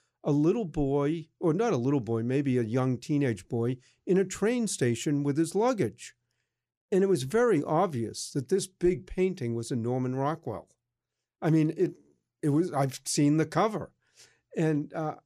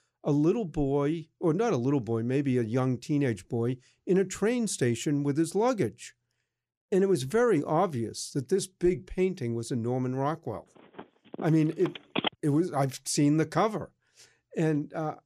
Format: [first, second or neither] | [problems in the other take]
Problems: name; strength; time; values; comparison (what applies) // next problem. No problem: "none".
first | phone ringing; noticeable; from 11 to 12 s; peak 3 dB below the speech